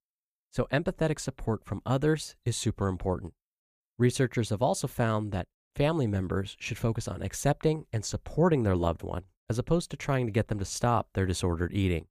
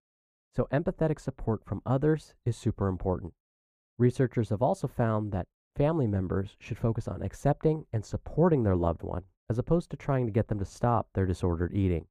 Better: first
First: none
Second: muffled; slightly; fading above 2 kHz

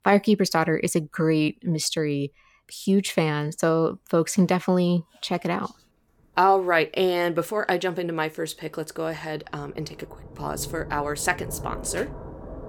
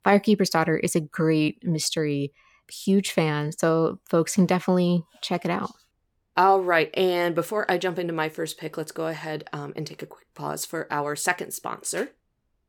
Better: second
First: rain or running water; noticeable; throughout; 15 dB below the speech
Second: none

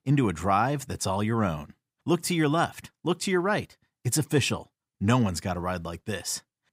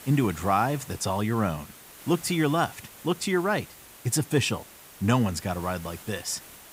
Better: first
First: none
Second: hiss; noticeable; throughout; 15 dB below the speech

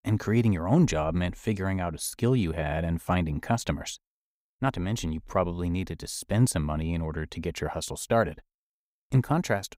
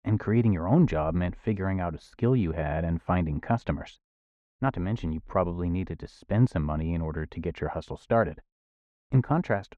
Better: first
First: none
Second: muffled; very; fading above 2 kHz

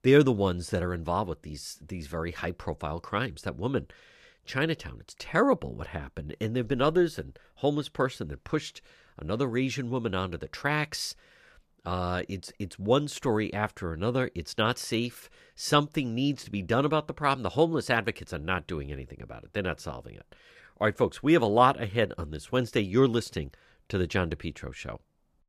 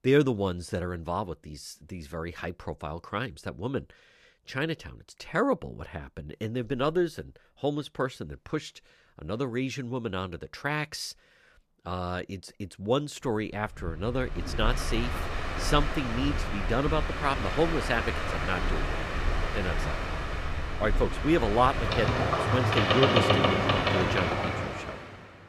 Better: first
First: none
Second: train or aircraft noise; very loud; from 14 s on; 2 dB above the speech

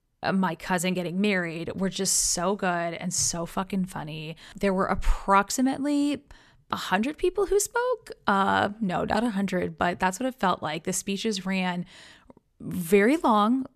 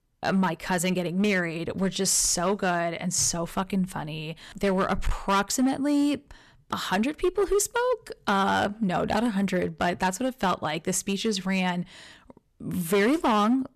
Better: first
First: none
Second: distortion; slight; 7% of the sound clipped

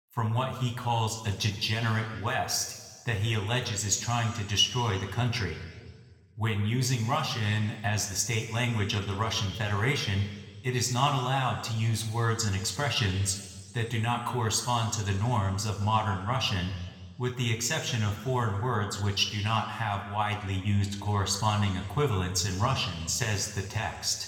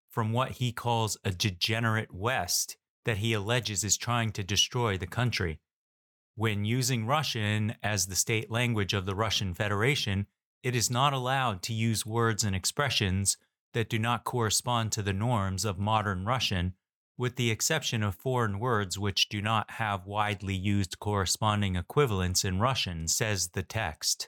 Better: second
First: room echo; slight; dies away in 1.5 s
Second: none

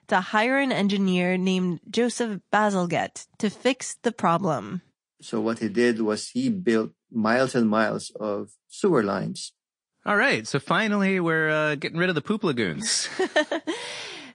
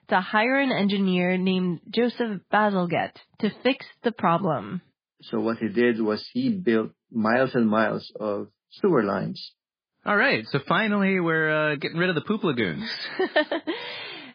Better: first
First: garbled, watery; slightly; nothing above 9 kHz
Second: garbled, watery; badly; nothing above 5 kHz

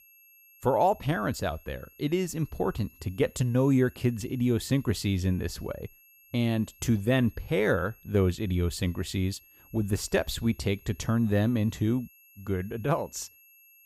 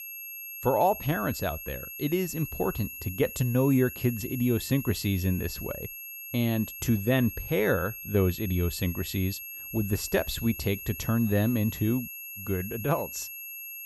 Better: first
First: high-pitched whine; faint; throughout; 11.5 kHz, 25 dB below the speech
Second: high-pitched whine; loud; throughout; 11.5 kHz, 9 dB below the speech

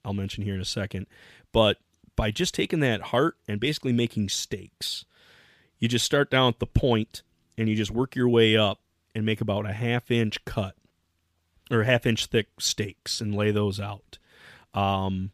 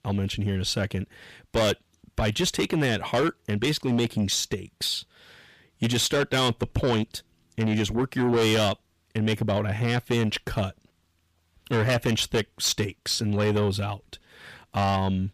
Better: first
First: none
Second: distortion; heavy; 8 dB below the speech

